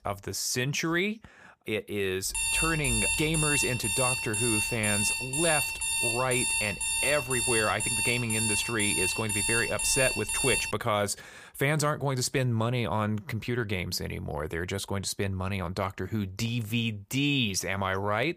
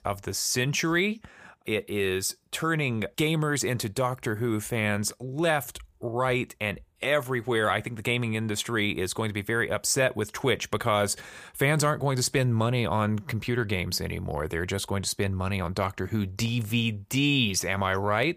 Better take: second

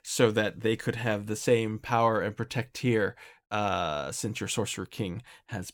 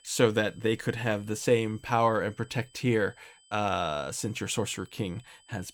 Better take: first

